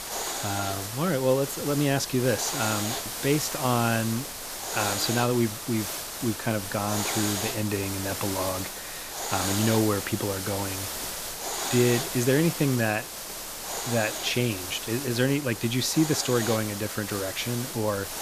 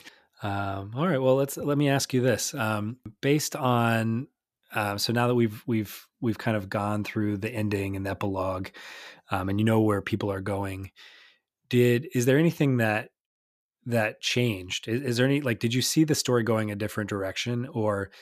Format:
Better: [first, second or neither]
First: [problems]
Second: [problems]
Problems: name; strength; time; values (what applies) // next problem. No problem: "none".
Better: second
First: hiss; loud; throughout; 4 dB below the speech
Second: none